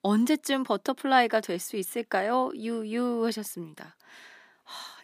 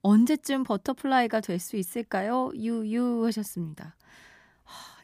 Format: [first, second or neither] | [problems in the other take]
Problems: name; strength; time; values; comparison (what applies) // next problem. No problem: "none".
second | thin; very slightly; fading below 350 Hz